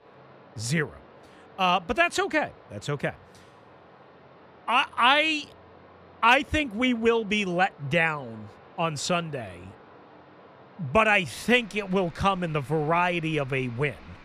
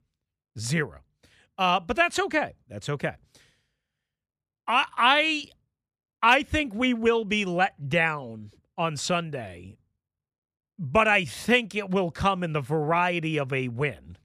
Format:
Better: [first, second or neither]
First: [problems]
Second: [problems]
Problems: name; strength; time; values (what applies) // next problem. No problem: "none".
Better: second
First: rain or running water; faint; throughout; 25 dB below the speech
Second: none